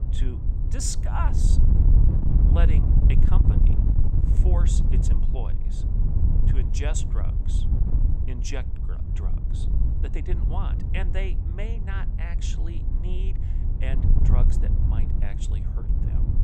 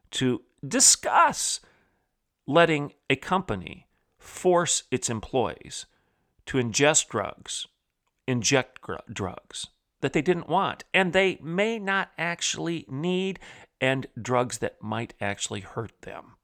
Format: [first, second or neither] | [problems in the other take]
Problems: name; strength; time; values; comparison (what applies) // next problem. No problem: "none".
second | wind noise on the microphone; heavy; 2 dB below the speech